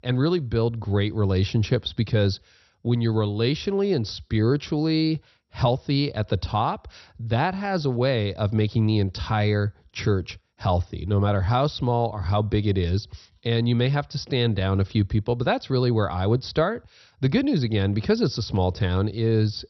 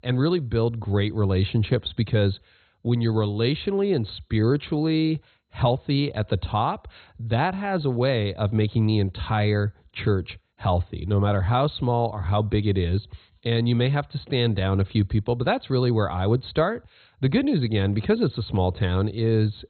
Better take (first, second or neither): first